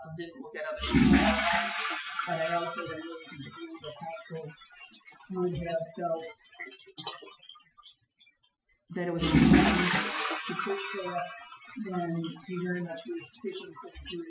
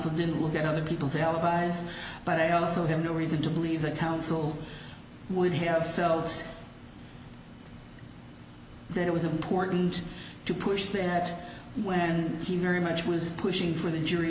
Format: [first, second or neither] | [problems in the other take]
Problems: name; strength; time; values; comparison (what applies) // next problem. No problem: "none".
second | noise reduction (classical method Wiener filter)